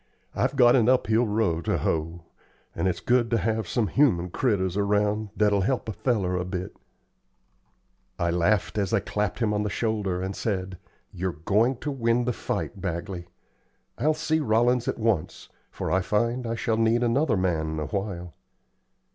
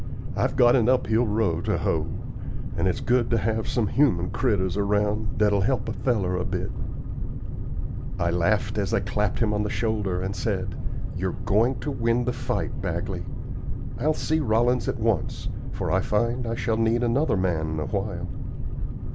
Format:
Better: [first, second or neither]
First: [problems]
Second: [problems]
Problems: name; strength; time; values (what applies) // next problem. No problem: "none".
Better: first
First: none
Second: background sound (Boat, Water vehicle); 2 dB below the speech